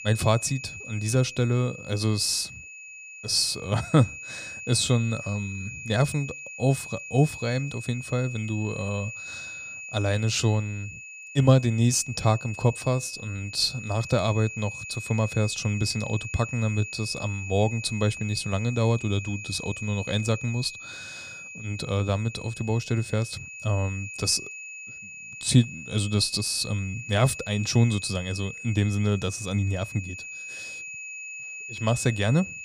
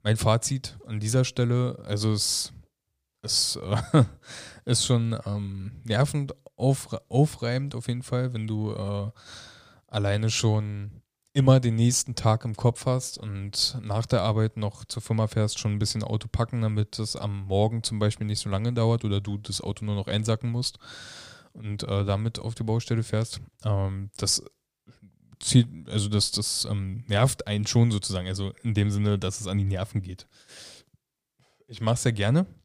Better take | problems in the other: second | high-pitched whine; noticeable; throughout; 2.5 kHz, 10 dB below the speech

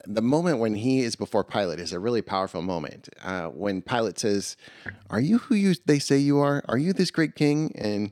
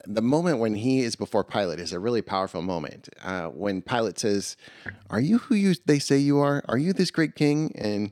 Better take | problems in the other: neither | none

